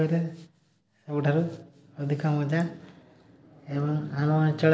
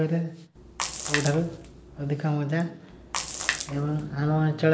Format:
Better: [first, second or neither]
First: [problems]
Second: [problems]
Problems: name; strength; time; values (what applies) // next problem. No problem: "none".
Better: first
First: none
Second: background sound (Splash, splatter); 7 dB below the speech